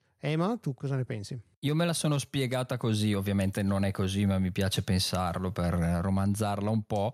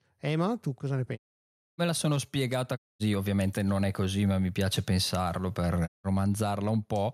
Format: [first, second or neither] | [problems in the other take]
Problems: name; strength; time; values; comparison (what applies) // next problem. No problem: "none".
first | audio cutting out; at 1 s for 0.5 s, at 3 s and at 6 s